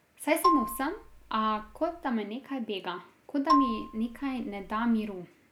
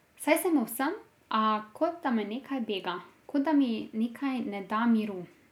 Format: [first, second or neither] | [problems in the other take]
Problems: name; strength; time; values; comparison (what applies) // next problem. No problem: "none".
second | background sound (Marimba, xylophone); 1 dB below the speech